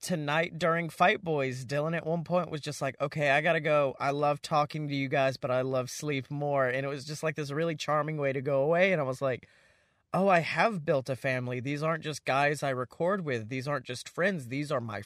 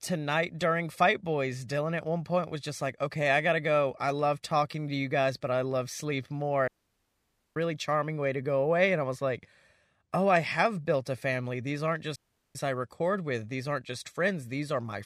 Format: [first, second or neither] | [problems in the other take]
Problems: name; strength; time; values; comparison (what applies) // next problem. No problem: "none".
first | audio cutting out; at 6.5 s for 1 s and at 12 s